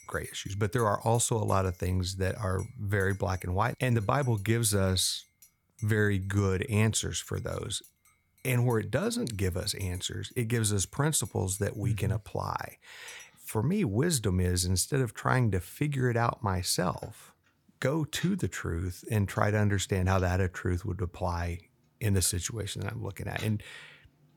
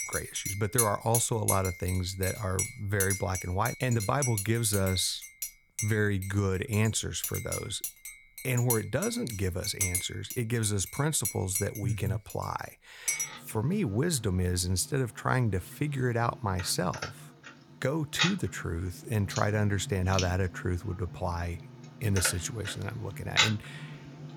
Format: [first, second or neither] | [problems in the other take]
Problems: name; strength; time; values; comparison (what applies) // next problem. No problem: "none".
first | household noises; loud; throughout; 4 dB below the speech; faint in the first